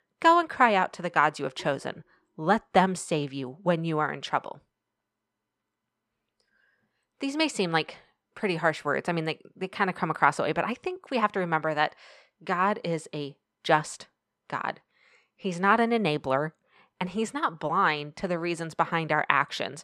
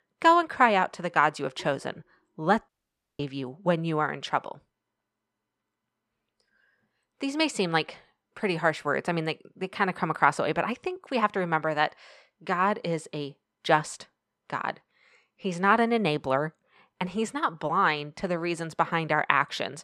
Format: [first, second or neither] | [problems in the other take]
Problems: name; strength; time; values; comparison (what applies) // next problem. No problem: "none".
first | audio cutting out; at 2.5 s for 0.5 s